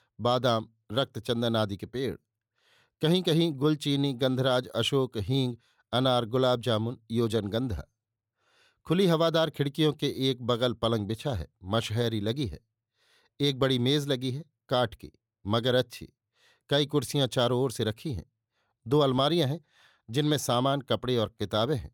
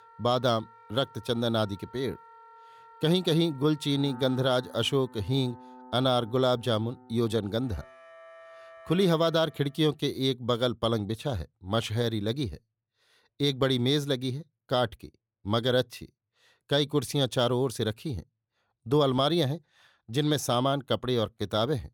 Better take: first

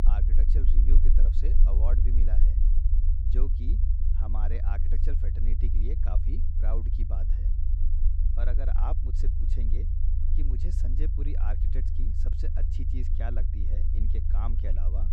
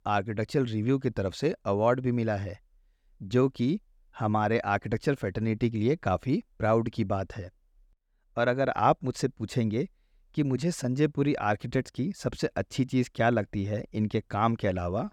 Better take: second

